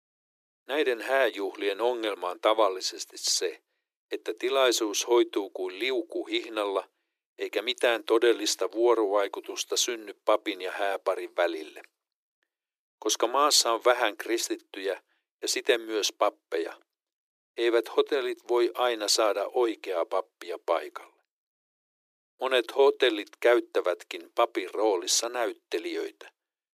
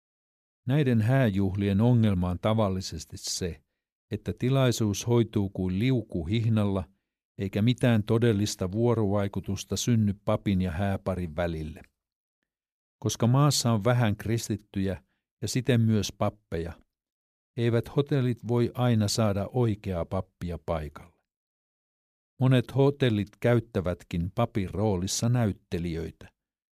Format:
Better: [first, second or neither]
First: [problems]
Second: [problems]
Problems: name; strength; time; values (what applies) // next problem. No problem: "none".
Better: second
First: thin; very; fading below 350 Hz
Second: none